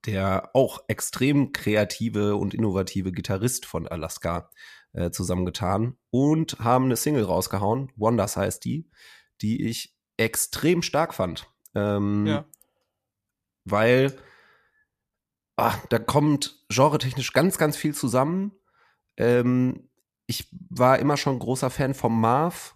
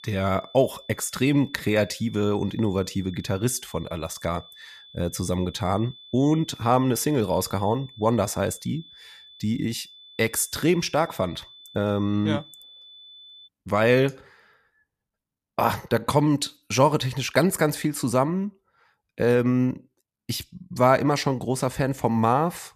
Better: first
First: none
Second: high-pitched whine; faint; until 13 s; 3.5 kHz, 20 dB below the speech

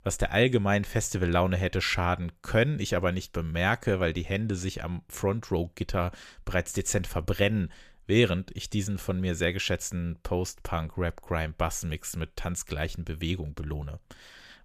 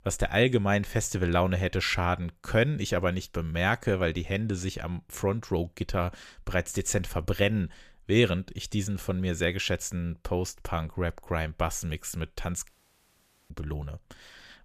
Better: first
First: none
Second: audio cutting out; at 13 s for 1 s

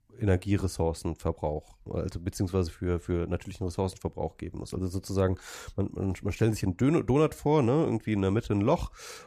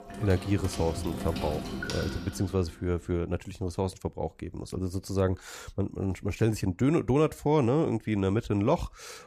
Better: first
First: none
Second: household noises; loud; until 2 s; 8 dB below the speech

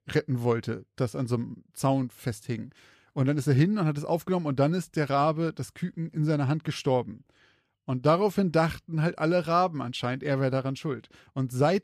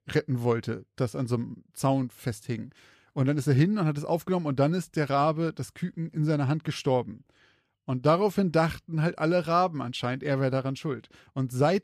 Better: neither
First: none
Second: none

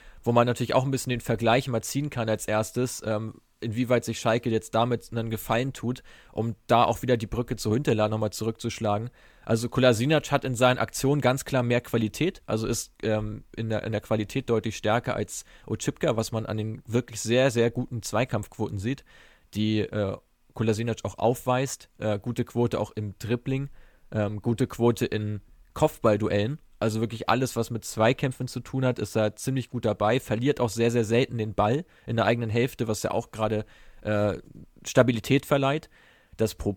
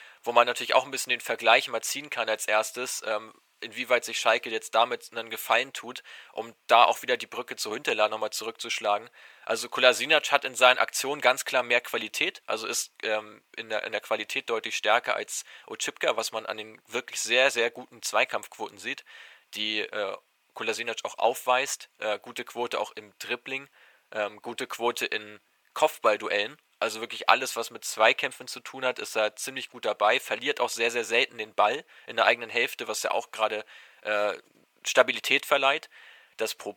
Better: first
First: none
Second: thin; very; fading below 750 Hz

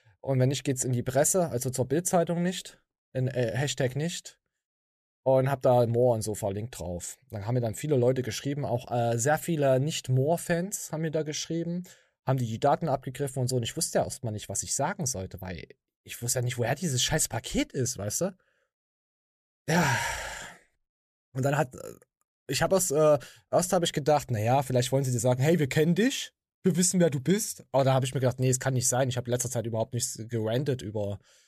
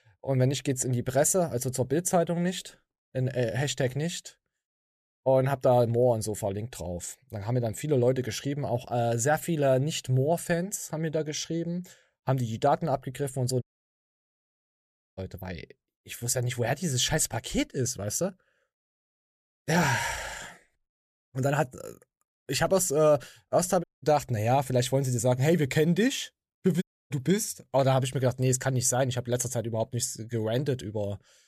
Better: first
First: none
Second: audio cutting out; at 14 s for 1.5 s, at 24 s and at 27 s

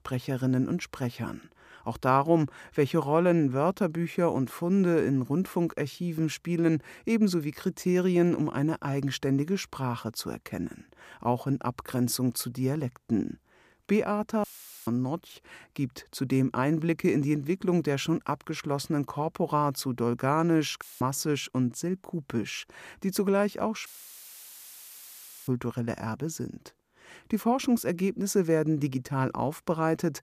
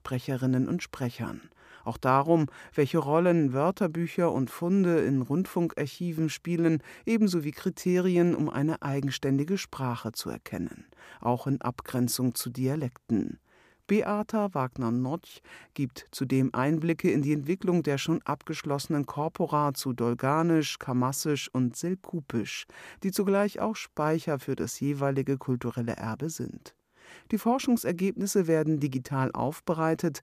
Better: second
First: audio cutting out; filled with static; at 14 s, at 21 s and at 24 s for 1.5 s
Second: none

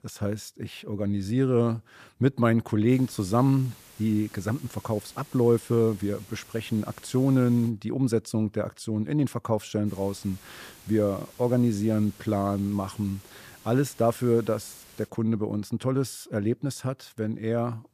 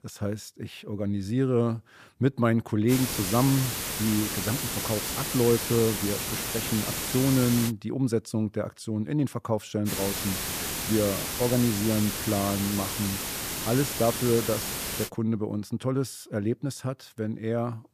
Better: first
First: hiss; faint; from 3 to 7.5 s and from 10 to 15 s; 20 dB below the speech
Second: hiss; loud; from 3 to 7.5 s and from 10 to 15 s; 2 dB below the speech

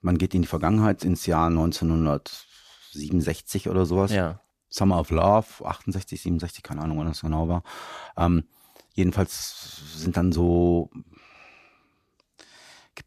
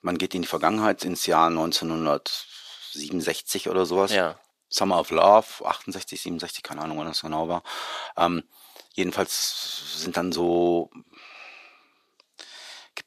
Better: first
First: none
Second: thin; somewhat; fading below 400 Hz

